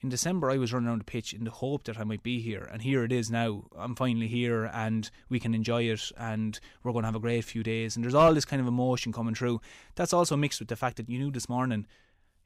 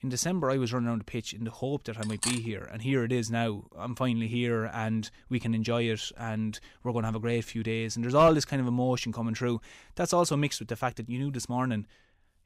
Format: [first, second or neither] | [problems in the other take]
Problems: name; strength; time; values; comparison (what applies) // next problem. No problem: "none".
first | clattering dishes; noticeable; at 2 s; peak 2 dB below the speech